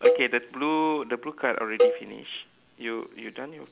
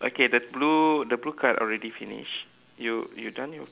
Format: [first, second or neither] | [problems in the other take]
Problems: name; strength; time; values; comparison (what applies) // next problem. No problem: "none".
second | background sound (Cowbell); 1 dB above the speech